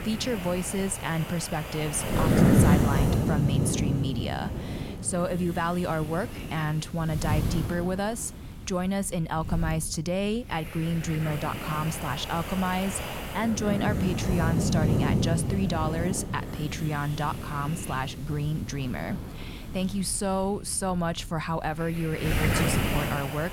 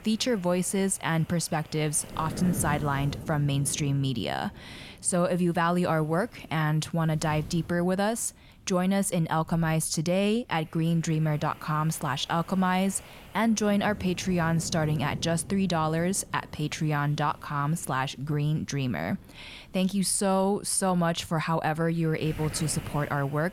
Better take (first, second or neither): second